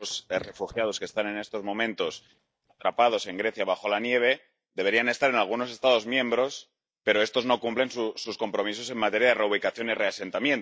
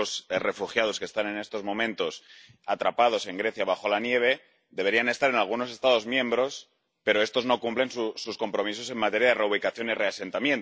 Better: second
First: noise reduction (neural mask model DeepFilterNet 3)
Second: none

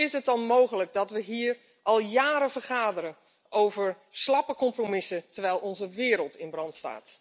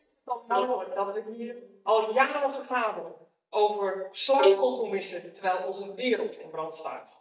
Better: first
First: none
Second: noise reduction (neural mask model DeepFilterNet 3)

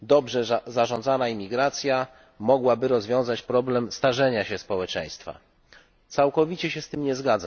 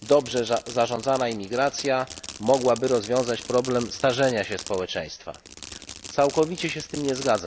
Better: first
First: none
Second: background sound (Fireworks); 15 dB below the speech

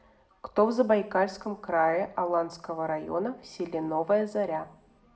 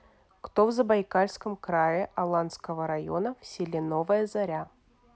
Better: second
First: room echo; dies away in 0.6 s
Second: none

